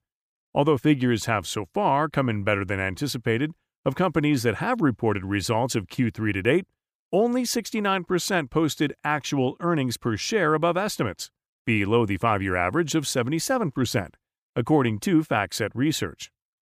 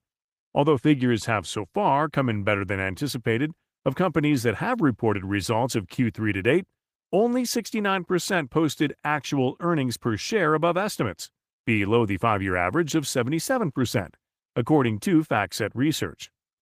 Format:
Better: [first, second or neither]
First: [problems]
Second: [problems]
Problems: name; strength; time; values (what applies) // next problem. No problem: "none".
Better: first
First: none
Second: garbled, watery; slightly; nothing above 15 kHz